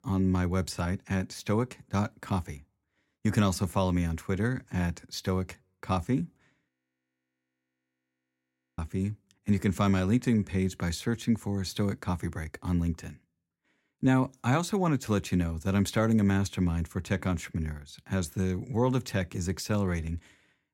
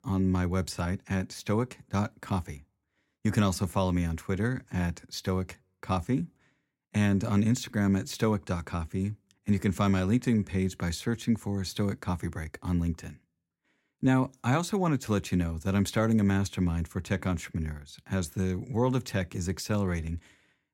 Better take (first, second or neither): second